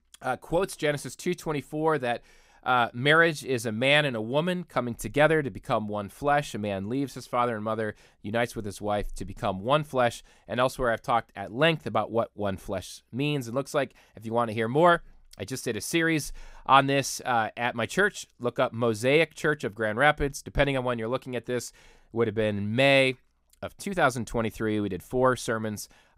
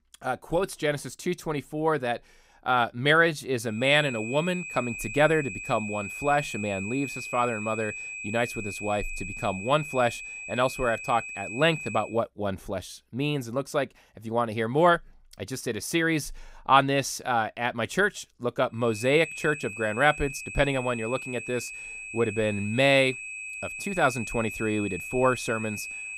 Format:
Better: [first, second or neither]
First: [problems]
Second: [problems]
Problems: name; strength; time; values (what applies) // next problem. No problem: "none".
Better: first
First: none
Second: high-pitched whine; loud; from 4 to 12 s and from 19 s on; 2.5 kHz, 9 dB below the speech